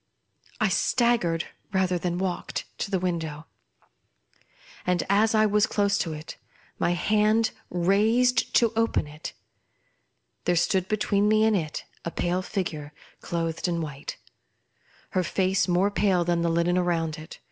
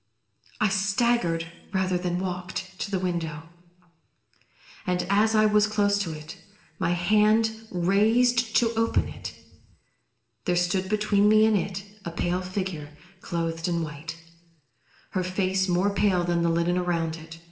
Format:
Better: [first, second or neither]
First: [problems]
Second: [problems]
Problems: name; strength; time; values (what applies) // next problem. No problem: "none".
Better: first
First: none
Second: room echo; dies away in 0.8 s